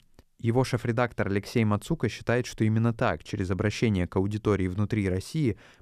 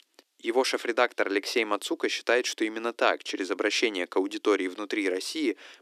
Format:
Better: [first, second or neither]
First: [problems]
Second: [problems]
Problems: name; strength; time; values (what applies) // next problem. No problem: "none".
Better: first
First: none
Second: thin; somewhat; fading below 300 Hz